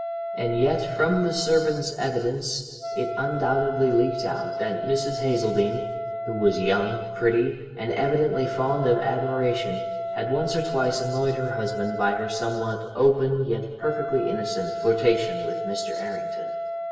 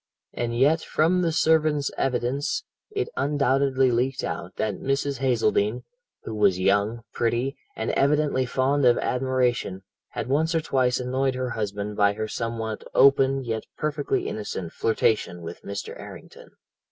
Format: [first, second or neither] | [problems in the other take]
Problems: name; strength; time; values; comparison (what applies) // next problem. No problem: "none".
second | background sound (Wind instrument, woodwind instrument); 6 dB below the speech // room echo; dies away in 1.3 s